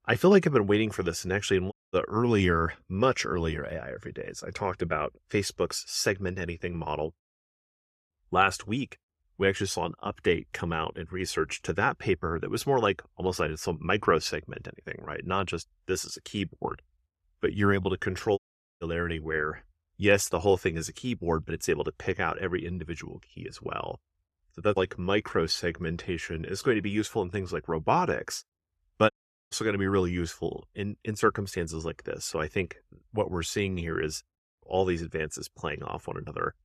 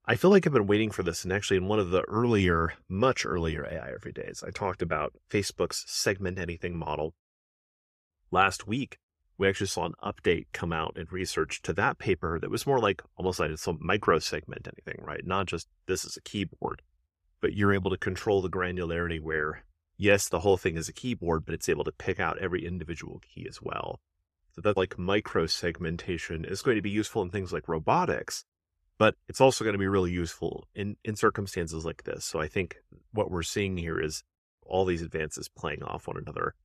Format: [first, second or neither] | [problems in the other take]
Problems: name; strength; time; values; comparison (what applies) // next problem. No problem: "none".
second | audio cutting out; at 1.5 s, at 18 s and at 29 s